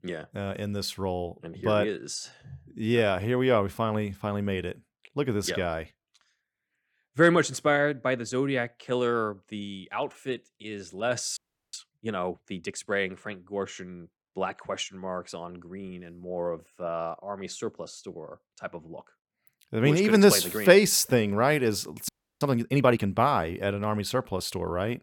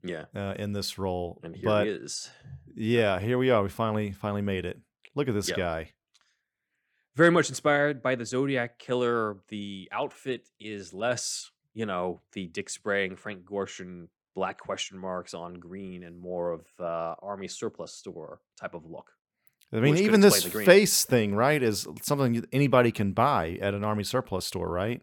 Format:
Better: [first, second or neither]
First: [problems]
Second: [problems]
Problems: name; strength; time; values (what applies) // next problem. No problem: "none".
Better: second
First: audio freezing; at 11 s and at 22 s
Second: none